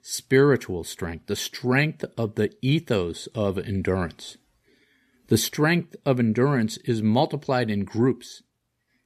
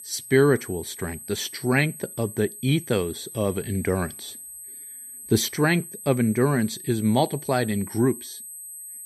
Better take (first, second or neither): first